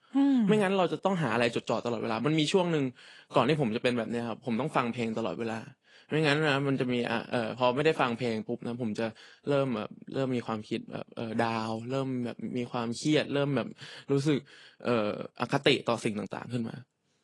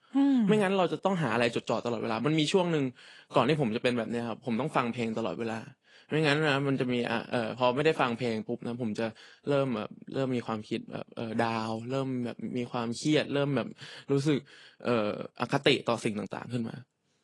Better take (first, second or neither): neither